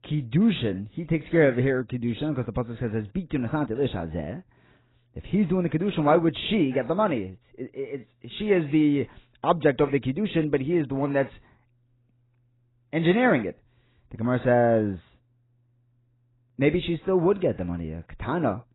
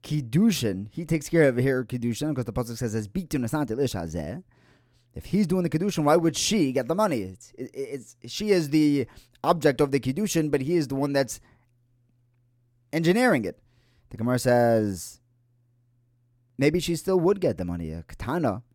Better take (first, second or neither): second